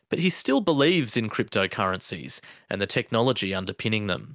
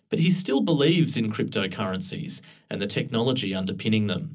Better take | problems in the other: first | room echo; dies away in 0.4 s

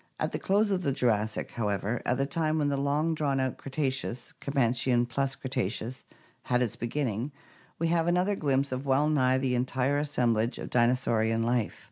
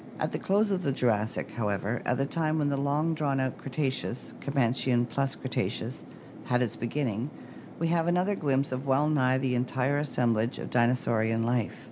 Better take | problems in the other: first | background sound (Fixed-wing aircraft, airplane); 16 dB below the speech

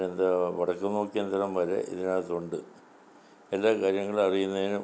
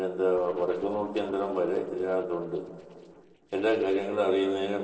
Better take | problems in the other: first | noise reduction (neural separator model SepFormer DNS4)

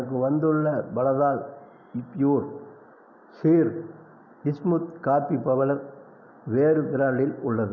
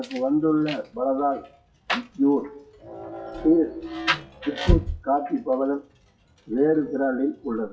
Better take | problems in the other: first | noise reduction (classical method WPE with log-MMSE)

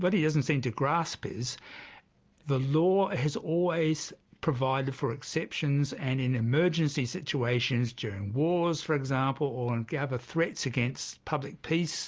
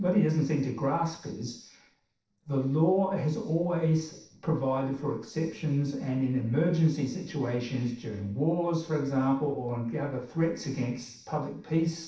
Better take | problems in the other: first | noise reduction (neural separator model SepFormer DNS4)

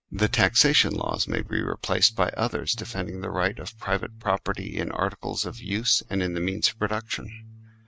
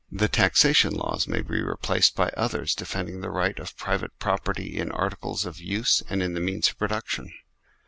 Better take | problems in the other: second | noise reduction (neural mask model RNNoise)

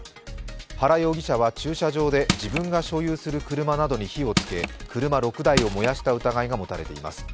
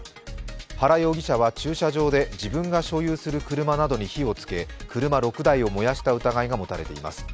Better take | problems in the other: second | background sound (Crushing); 5 dB below the speech

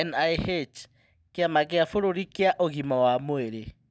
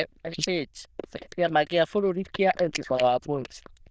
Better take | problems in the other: first | noise reduction (neural diffusion model UNIVERSE++)

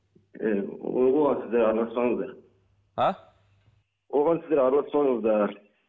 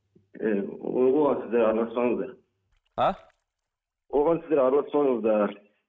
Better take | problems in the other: first | noise reduction (neural mask model RNNoise)

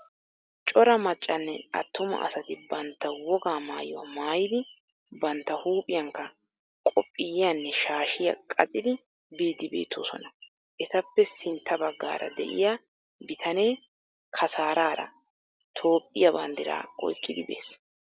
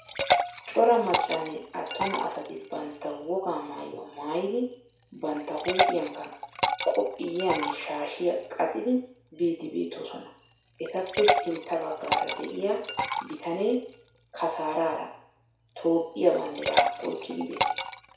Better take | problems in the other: first | background sound (Liquid); 3 dB below the speech // room echo; dies away in 0.6 s

